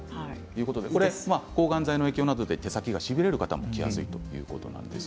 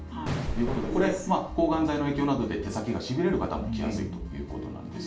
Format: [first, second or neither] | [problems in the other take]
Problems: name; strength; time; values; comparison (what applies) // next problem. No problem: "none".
first | background sound (Explosion); 8 dB below the speech // room echo; dies away in 0.3 s